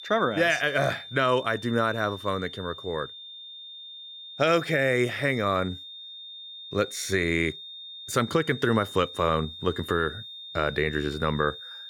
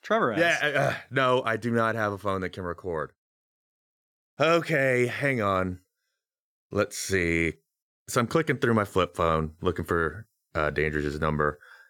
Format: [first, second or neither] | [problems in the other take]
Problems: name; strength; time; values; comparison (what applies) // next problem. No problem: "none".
second | high-pitched whine; noticeable; throughout; 3.5 kHz, 15 dB below the speech